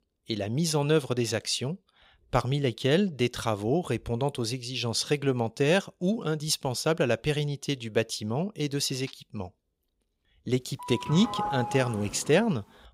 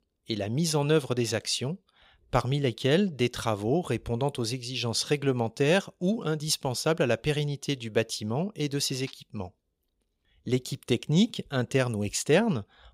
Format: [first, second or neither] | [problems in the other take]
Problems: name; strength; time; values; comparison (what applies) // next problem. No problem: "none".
second | doorbell; noticeable; from 11 to 12 s; peak 4 dB below the speech